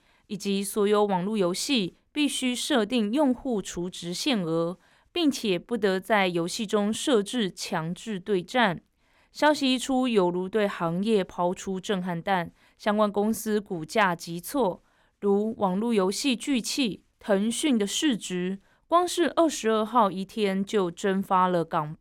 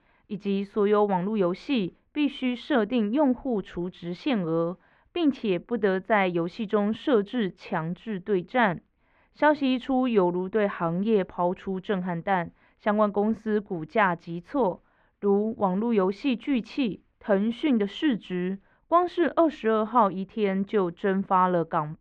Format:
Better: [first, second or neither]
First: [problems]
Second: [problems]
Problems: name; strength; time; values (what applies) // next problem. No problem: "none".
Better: first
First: none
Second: muffled; very; fading above 2.5 kHz